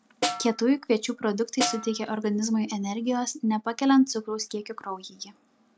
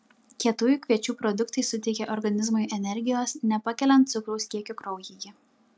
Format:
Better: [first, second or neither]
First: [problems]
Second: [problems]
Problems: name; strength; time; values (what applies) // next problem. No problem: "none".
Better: second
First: background sound (Snare drum); 7 dB below the speech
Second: none